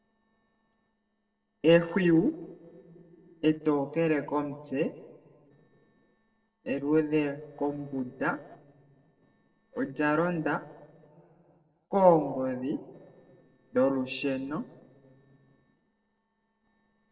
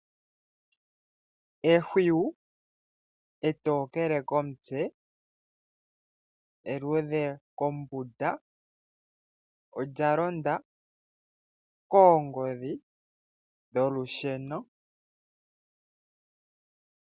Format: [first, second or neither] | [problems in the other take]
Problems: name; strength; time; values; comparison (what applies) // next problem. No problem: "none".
second | noise reduction (neural separator model SepFormer DNS4)